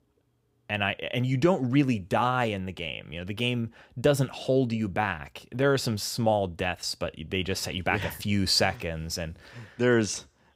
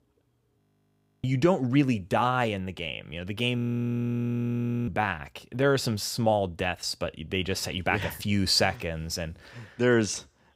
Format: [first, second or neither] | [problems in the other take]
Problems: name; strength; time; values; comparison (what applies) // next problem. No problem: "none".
first | audio freezing; at 0.5 s for 0.5 s and at 3.5 s for 1.5 s